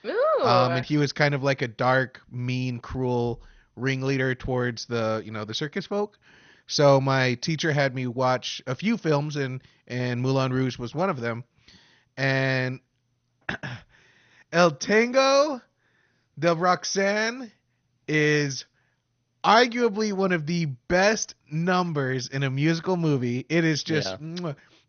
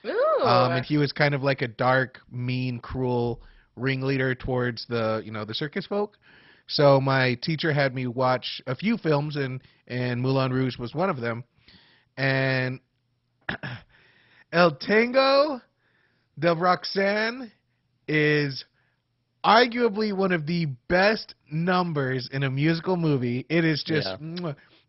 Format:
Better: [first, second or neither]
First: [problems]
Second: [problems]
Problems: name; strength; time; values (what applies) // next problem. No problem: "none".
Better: first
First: garbled, watery; slightly; nothing above 6.5 kHz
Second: garbled, watery; badly; nothing above 5.5 kHz